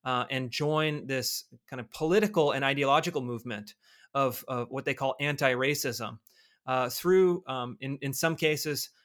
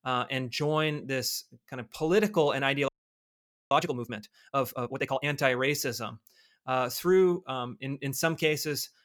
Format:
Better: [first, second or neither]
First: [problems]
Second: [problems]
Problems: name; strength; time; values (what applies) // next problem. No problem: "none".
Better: first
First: none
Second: audio freezing; at 3 s for 1 s